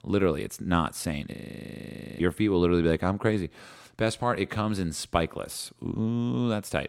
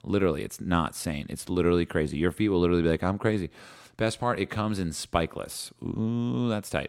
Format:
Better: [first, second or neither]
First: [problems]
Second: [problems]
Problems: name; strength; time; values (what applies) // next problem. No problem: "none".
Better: second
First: audio freezing; at 1.5 s for 1 s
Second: none